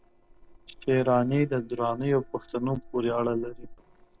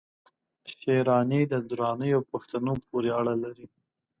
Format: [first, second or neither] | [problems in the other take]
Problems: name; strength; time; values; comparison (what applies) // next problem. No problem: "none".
second | noise reduction (neural separator model SepFormer DNS4)